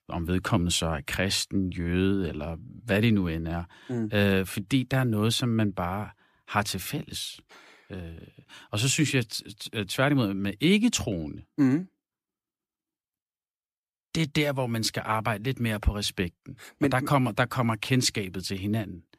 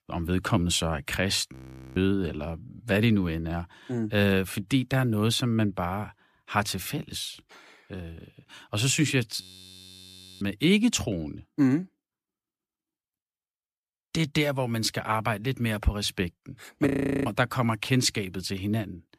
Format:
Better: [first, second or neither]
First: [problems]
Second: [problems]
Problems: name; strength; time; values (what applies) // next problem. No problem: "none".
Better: first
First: none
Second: audio freezing; at 1.5 s, at 9.5 s for 1 s and at 17 s